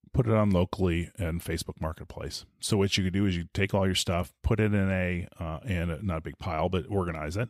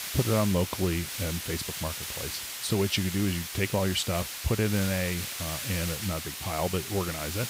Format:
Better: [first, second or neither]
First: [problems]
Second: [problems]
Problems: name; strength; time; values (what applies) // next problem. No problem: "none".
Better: first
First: none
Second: hiss; loud; throughout; 4 dB below the speech